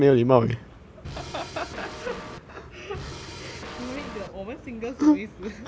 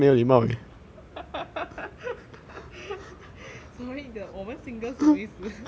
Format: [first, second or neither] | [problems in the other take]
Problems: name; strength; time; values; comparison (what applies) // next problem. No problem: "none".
second | background sound (Drum kit); 12 dB below the speech